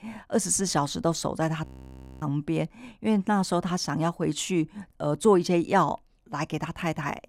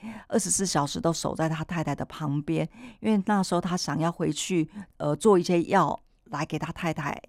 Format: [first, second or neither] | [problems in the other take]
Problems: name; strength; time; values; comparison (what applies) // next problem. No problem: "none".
second | audio freezing; at 1.5 s for 0.5 s